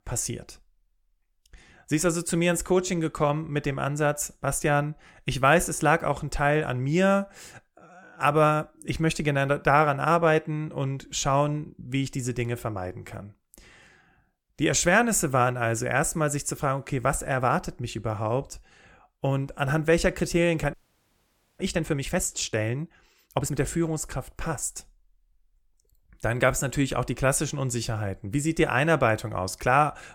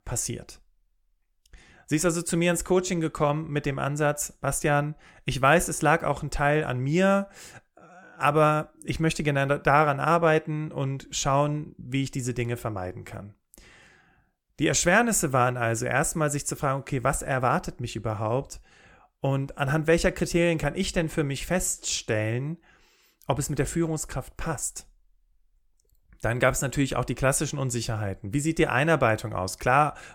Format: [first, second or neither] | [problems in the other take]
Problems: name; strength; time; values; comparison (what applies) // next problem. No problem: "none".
second | audio freezing; at 21 s for 1 s